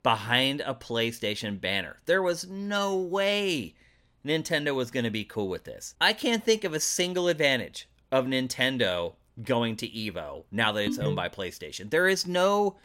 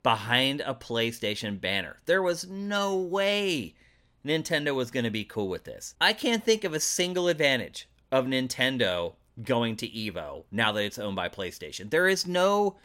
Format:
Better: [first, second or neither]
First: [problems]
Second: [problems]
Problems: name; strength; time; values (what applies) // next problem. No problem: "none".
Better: second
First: phone ringing; noticeable; at 11 s; peak 4 dB below the speech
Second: none